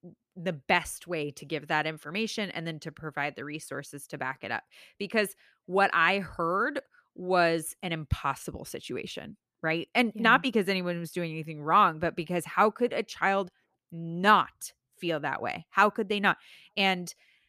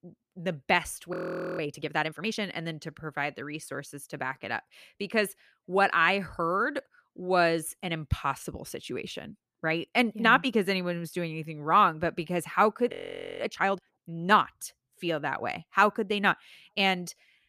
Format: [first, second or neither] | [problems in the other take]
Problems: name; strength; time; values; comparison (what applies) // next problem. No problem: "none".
first | audio freezing; at 1 s and at 13 s